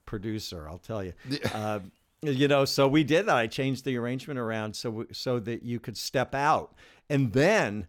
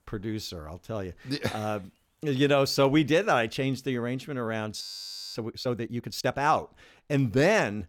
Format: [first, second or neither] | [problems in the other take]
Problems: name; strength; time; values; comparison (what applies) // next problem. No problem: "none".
first | audio freezing; at 5 s for 0.5 s